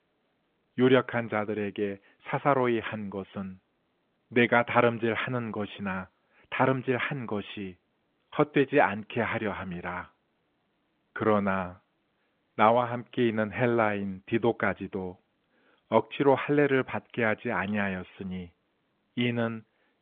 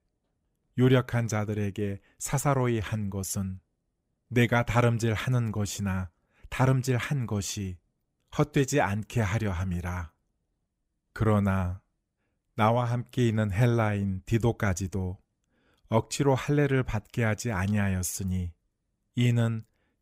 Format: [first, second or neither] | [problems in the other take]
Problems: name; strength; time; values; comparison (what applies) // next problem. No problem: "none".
second | phone-call audio; nothing above 3.5 kHz